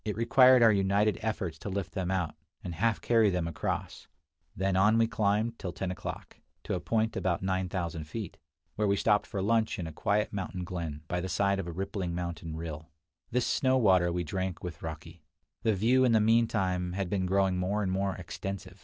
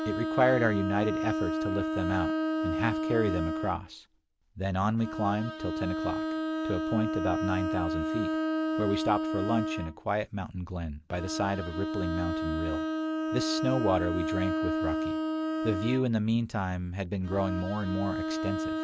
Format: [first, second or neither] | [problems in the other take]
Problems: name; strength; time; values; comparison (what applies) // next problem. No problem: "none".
first | background sound (Bowed string instrument); 1 dB below the speech